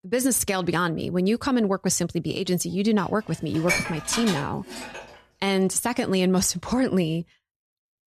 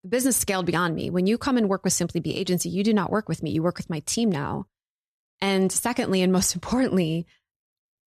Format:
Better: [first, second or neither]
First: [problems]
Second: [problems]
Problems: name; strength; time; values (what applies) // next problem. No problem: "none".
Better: second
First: clattering dishes; noticeable; from 3.5 to 5 s; peak 1 dB below the speech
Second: none